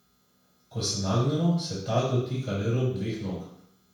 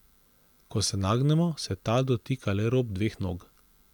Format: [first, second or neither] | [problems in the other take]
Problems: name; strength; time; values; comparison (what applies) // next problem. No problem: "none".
second | room echo; dies away in 0.7 s